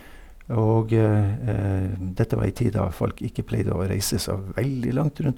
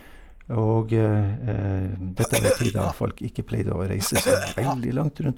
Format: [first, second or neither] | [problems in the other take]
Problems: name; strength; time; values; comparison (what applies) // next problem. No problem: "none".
first | noise reduction (neural mask model Resemble Enhance denoiser)